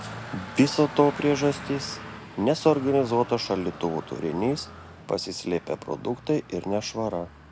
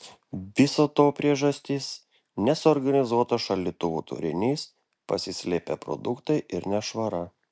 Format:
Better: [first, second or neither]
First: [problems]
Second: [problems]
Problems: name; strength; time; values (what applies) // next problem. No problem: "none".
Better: second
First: background sound (Traffic noise, roadway noise); 15 dB below the speech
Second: none